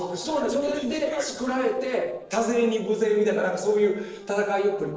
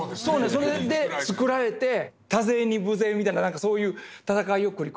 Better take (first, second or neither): second